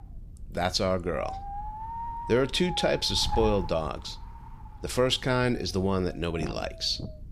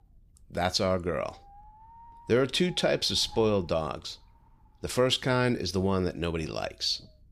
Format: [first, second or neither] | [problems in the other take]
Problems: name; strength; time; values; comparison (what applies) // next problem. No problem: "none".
second | wind noise on the microphone; heavy; 9 dB below the speech; occasional gusts in the second